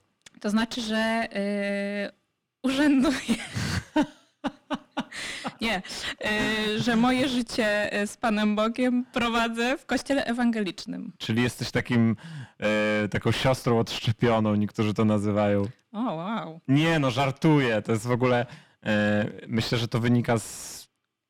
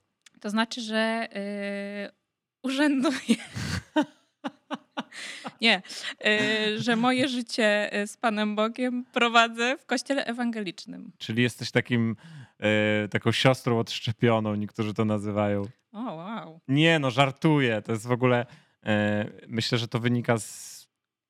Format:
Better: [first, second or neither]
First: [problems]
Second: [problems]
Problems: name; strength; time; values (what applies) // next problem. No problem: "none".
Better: second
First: distortion; heavy; 6 dB below the speech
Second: none